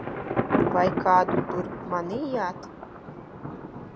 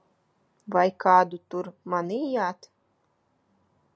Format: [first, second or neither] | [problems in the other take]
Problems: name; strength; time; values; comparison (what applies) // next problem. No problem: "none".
second | background sound (Thunder); 1 dB below the speech